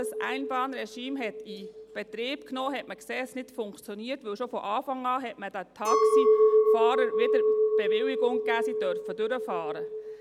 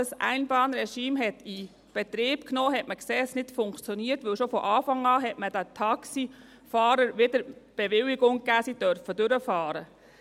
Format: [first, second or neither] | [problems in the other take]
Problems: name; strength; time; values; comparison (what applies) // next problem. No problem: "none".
second | background sound (Chink, clink); 4 dB above the speech